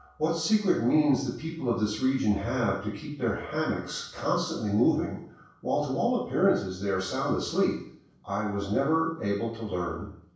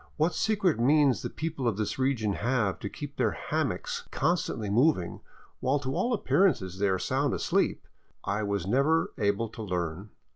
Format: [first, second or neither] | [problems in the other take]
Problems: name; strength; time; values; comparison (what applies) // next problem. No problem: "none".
second | room echo; dies away in 0.7 s